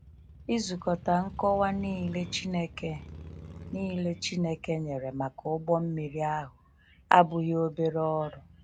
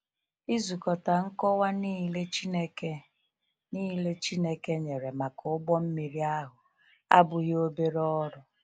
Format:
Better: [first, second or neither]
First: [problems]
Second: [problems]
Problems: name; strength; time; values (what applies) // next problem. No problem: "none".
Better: second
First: background sound (Motorcycle); 17 dB below the speech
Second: none